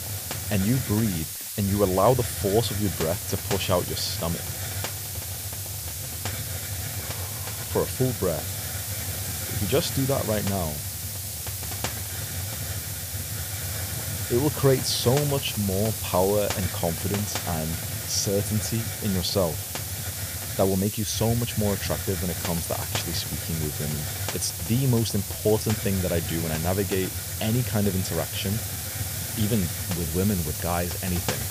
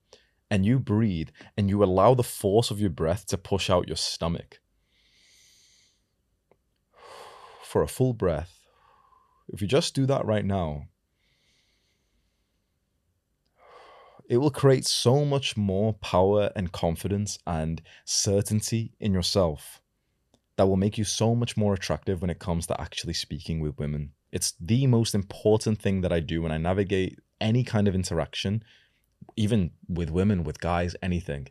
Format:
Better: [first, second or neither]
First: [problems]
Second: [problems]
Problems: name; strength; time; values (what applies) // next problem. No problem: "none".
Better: second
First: hiss; loud; throughout; 3 dB below the speech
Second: none